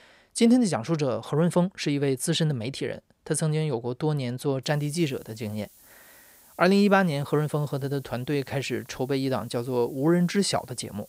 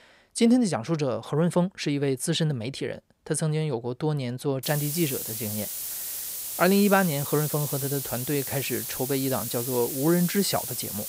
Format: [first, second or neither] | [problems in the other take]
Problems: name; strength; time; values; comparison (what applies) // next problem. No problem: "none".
first | hiss; loud; from 4.5 s on; 4 dB below the speech; faint in the first